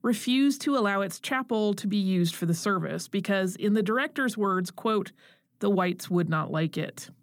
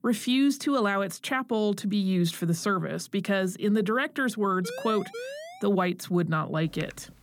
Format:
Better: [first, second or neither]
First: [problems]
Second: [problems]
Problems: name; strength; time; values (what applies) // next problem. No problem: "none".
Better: first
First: none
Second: siren; faint; at 4.5 s; peak 10 dB below the speech // keyboard typing; faint; at 6.5 s; peak 15 dB below the speech